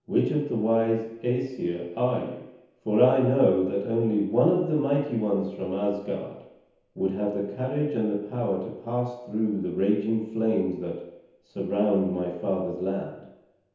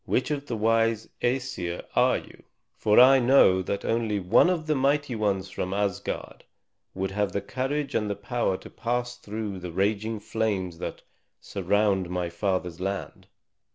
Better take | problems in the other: second | room echo; dies away in 1 s

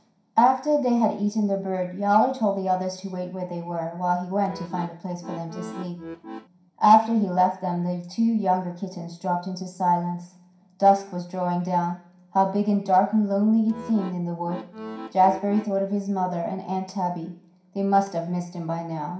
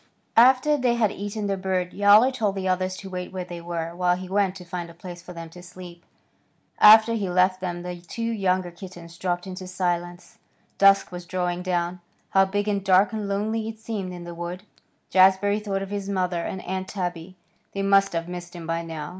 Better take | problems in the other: second | background sound (Accordion); 14 dB below the speech // room echo; dies away in 0.5 s

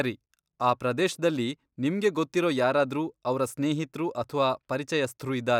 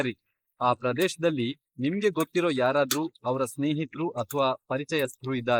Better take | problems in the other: first | noise reduction (neural mask model Resemble Enhance denoiser)

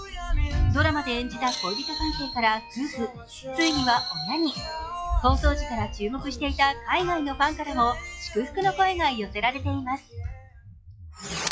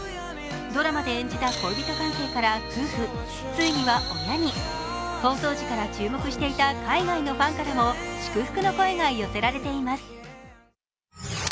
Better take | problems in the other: second | noise reduction (classical method log-MMSE)

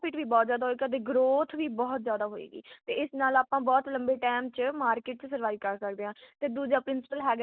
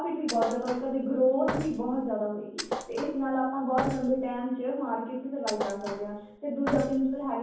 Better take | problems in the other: first | background sound (Thump, thud); 8 dB below the speech // room echo; dies away in 0.9 s

